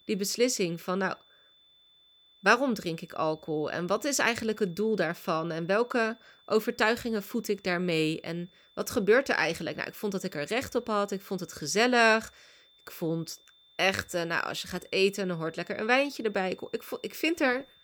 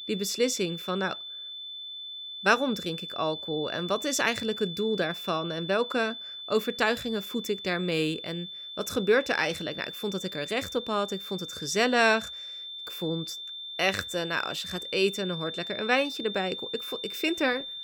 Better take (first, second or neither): first